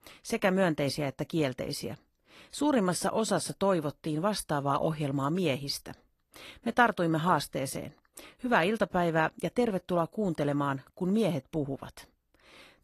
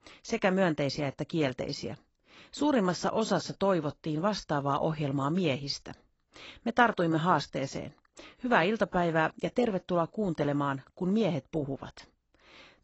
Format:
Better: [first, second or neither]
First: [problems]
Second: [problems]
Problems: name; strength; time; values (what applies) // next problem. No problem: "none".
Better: first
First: garbled, watery; slightly; nothing above 13.5 kHz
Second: garbled, watery; badly; nothing above 7.5 kHz